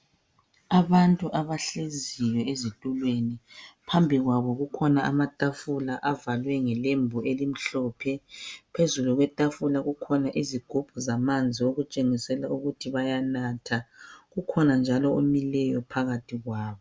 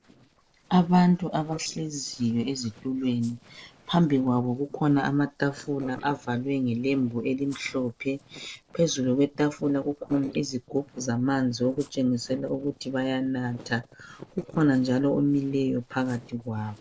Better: first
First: none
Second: noise reduction (neural separator model SepFormer DNS4)

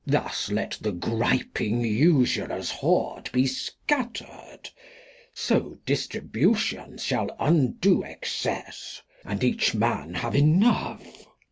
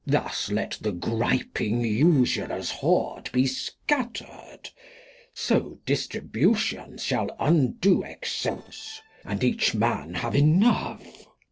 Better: first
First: none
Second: noise reduction (neural separator model SepFormer DNS4)

